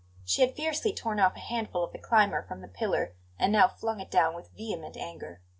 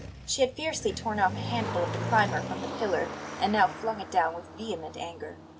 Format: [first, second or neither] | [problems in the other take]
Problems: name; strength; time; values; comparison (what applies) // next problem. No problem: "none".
first | background sound (Motor vehicle (road)); 7 dB below the speech